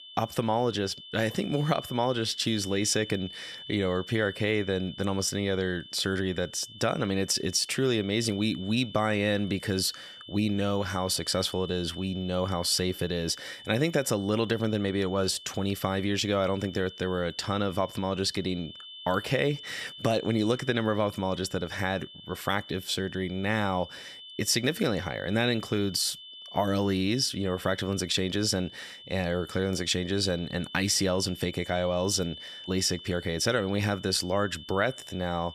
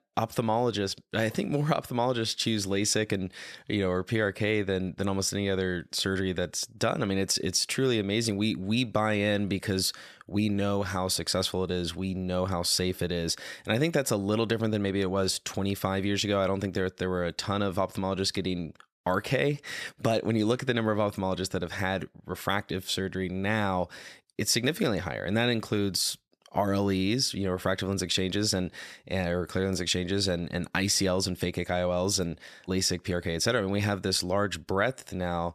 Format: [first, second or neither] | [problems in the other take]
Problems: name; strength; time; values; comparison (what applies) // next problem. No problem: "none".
second | high-pitched whine; noticeable; throughout; 3 kHz, 15 dB below the speech